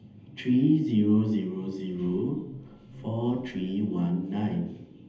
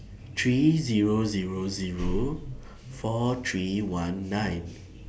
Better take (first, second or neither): second